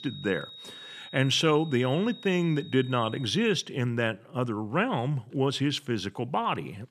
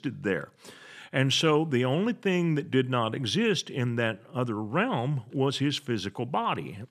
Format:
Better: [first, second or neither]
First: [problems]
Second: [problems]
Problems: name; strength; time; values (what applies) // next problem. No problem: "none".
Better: second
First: high-pitched whine; noticeable; until 3.5 s; 4 kHz, 15 dB below the speech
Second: none